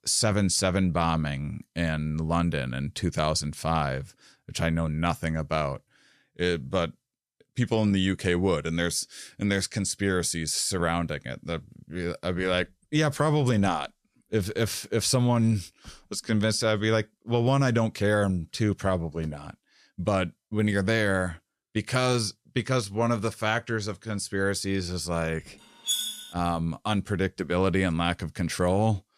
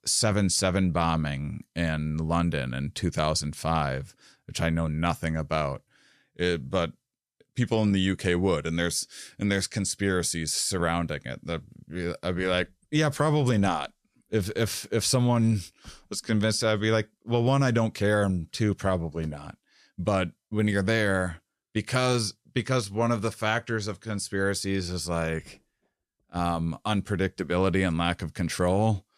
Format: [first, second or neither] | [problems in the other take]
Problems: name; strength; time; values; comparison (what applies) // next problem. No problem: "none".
second | clattering dishes; loud; at 26 s; peak level with the speech